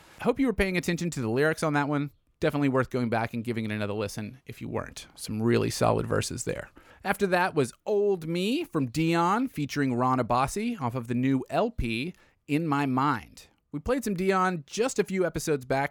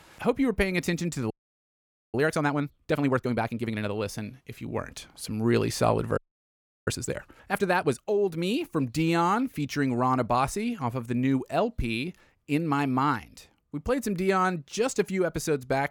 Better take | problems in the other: first | audio freezing; at 1.5 s for 1 s and at 6 s for 0.5 s

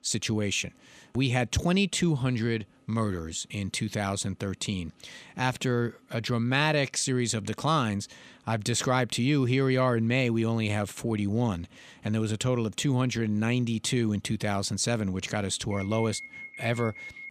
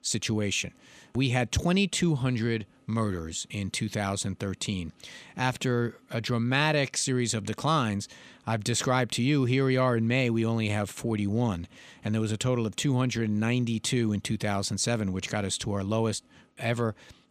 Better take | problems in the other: second | alarm; faint; from 16 s on; peak 10 dB below the speech

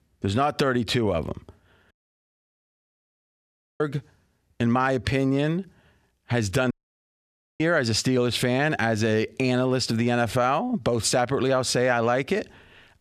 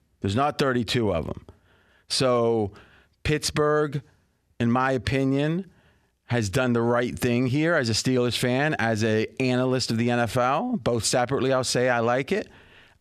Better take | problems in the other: second | audio cutting out; at 2 s for 2 s and at 6.5 s for 1 s

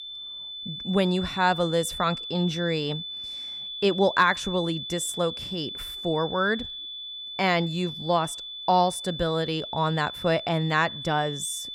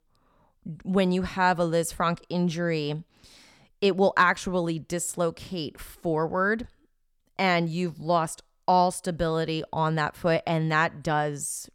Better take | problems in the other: second | high-pitched whine; loud; throughout; 3.5 kHz, 8 dB below the speech

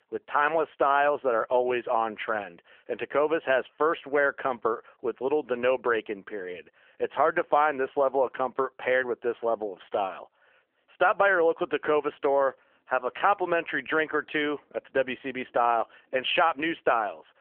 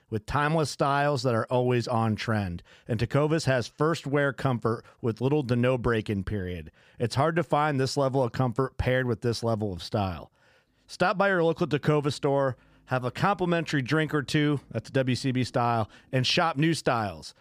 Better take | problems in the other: second | phone-call audio; nothing above 3.5 kHz

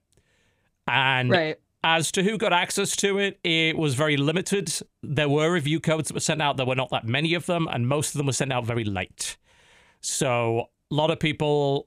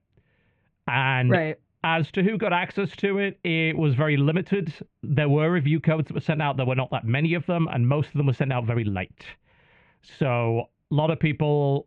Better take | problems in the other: first | muffled; very; fading above 2.5 kHz

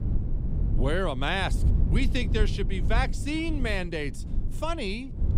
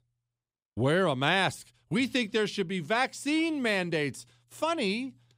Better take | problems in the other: second | low rumble; noticeable; throughout; 15 dB below the speech

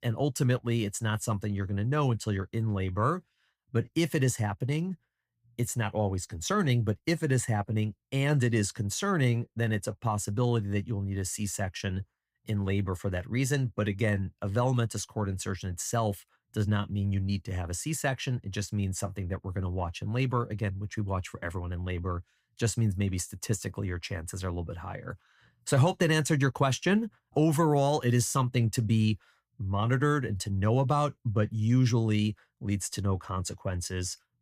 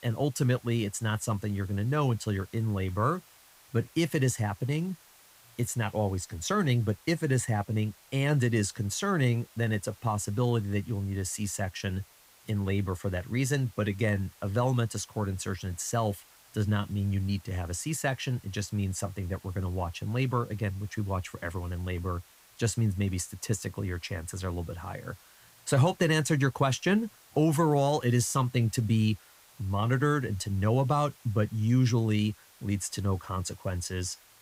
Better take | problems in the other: first | hiss; faint; throughout; 25 dB below the speech

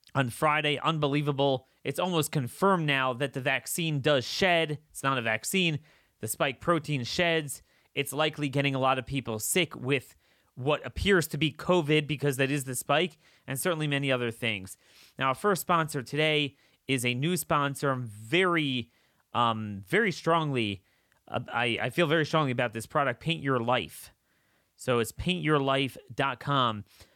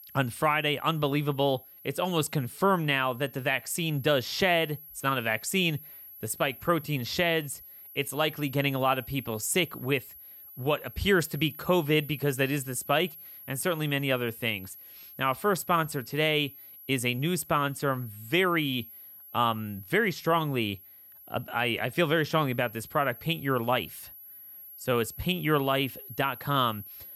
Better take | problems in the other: first | high-pitched whine; noticeable; throughout; 11.5 kHz, 15 dB below the speech

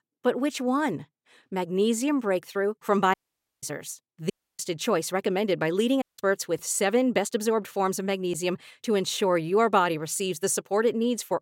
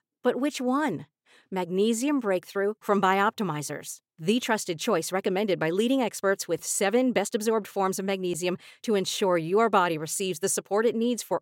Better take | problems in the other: second | audio cutting out; at 3 s, at 4.5 s and at 6 s

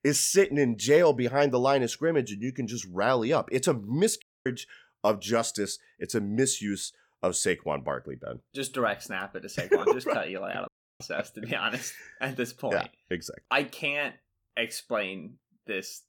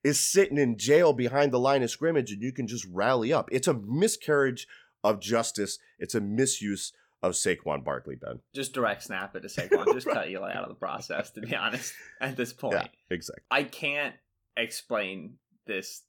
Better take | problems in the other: second | audio cutting out; at 4 s and at 11 s

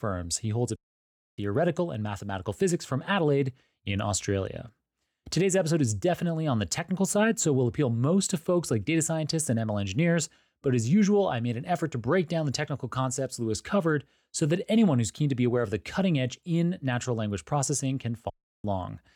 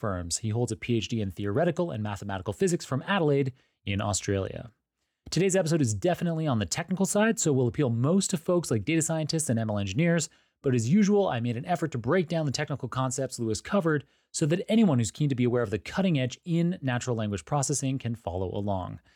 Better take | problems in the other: second | audio cutting out; at 1 s for 0.5 s and at 18 s

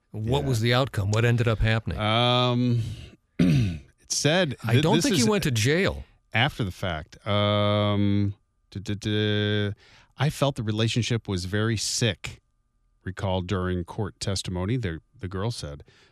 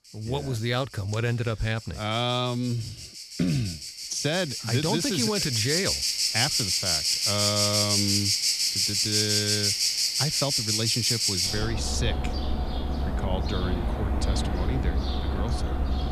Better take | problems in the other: first | animal sounds; very loud; throughout; 4 dB above the speech

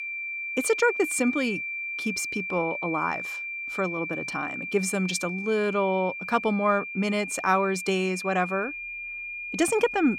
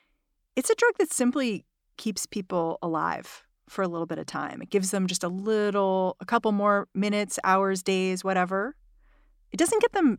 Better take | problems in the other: second | high-pitched whine; loud; throughout; 2.5 kHz, 5 dB below the speech

